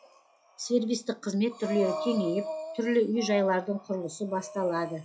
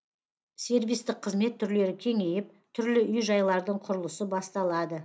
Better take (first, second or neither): second